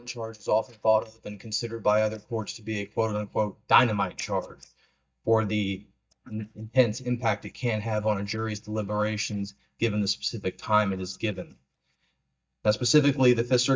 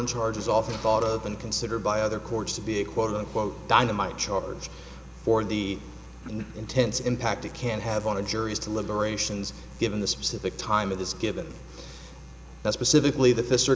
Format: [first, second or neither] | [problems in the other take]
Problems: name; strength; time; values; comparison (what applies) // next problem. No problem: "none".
second | noise reduction (neural mask model DeepFilterNet 3)